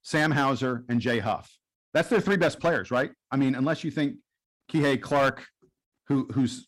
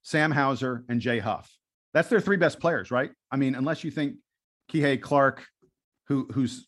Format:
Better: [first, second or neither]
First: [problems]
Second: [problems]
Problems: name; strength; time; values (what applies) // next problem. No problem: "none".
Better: second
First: distortion; slight; 5% of the sound clipped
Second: none